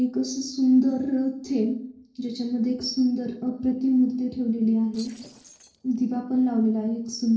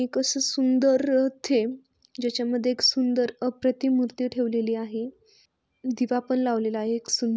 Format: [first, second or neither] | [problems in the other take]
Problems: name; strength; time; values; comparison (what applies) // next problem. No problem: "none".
second | noise reduction (neural separator model SepFormer DNS4)